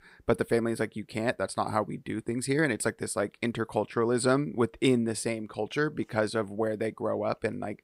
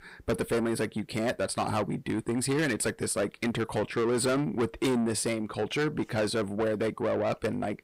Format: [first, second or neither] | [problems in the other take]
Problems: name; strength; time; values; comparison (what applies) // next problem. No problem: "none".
first | distortion; heavy; 7 dB below the speech